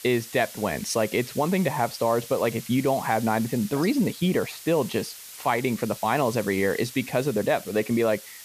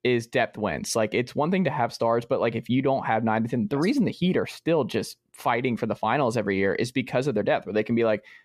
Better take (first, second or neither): second